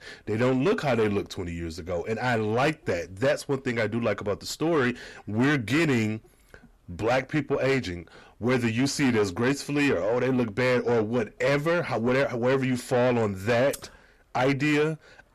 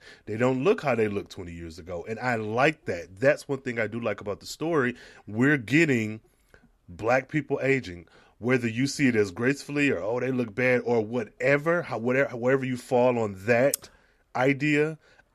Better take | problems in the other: second | distortion; heavy; 7 dB below the speech

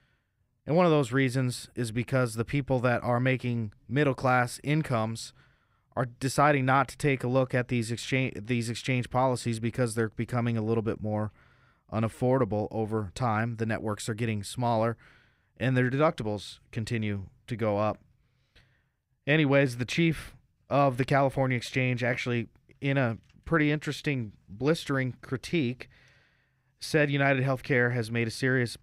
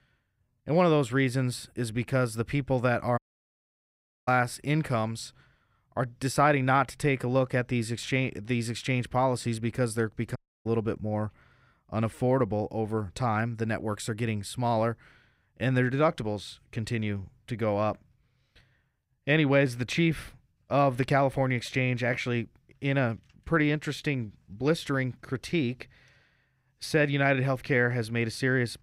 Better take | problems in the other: first | audio cutting out; at 3 s for 1 s and at 10 s

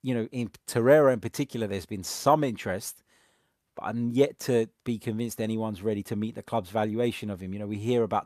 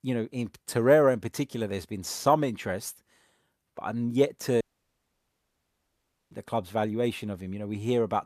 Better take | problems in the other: first | audio cutting out; at 4.5 s for 1.5 s

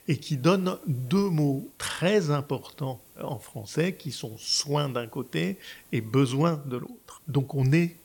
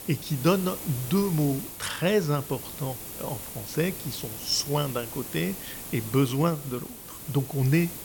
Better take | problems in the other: first | hiss; loud; throughout; 9 dB below the speech; faint in the first

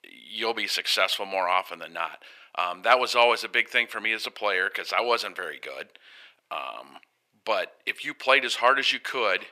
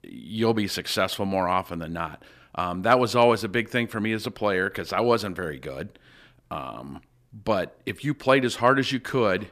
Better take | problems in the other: second | thin; very; fading below 650 Hz

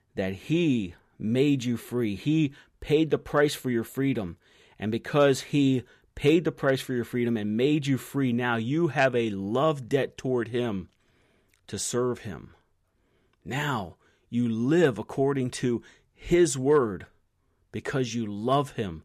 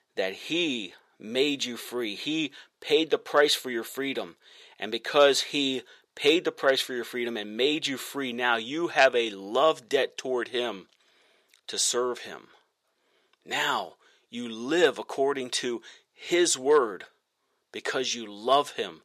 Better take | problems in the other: first | thin; somewhat; fading below 500 Hz

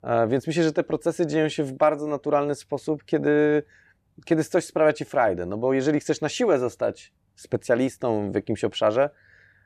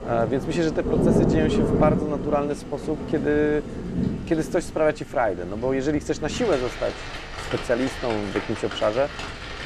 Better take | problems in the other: first | rain or running water; loud; throughout; 3 dB below the speech

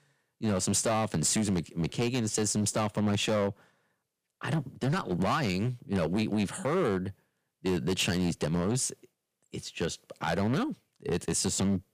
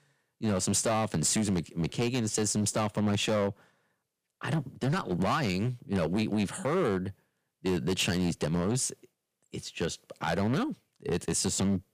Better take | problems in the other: neither | distortion; slight; 9% of the sound clipped; the same in both

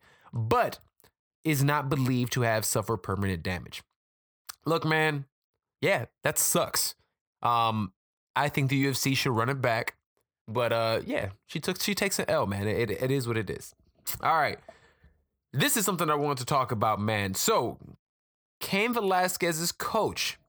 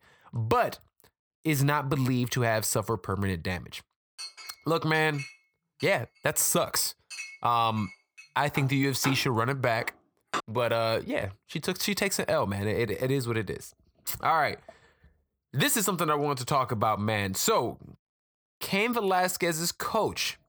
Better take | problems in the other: first | clattering dishes; noticeable; from 4 to 10 s; peak 7 dB below the speech

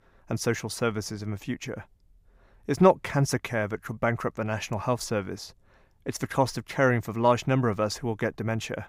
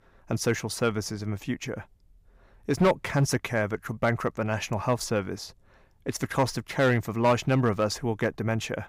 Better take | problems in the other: first | distortion; slight; 2% of the sound clipped

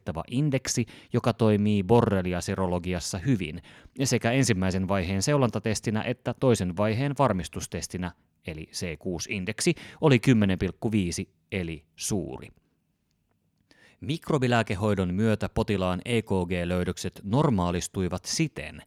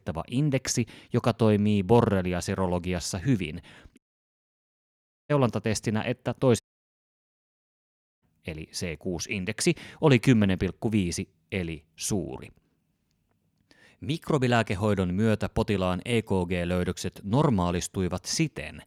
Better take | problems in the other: first | audio cutting out; at 4 s for 1.5 s and at 6.5 s for 1.5 s

